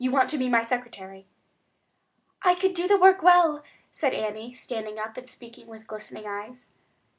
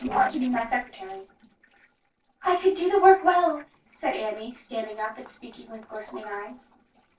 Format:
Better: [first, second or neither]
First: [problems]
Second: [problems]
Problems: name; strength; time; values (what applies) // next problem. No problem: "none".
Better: first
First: none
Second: noise reduction (neural separator model SepFormer DNS4)